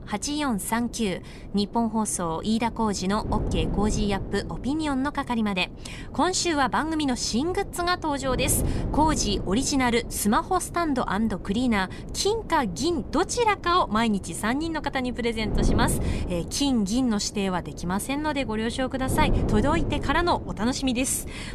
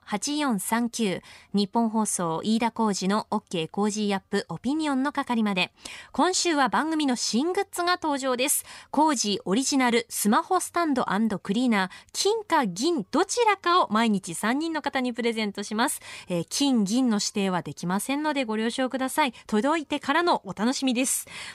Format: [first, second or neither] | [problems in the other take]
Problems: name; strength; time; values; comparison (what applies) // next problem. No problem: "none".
second | wind noise on the microphone; occasional gusts; 15 dB below the speech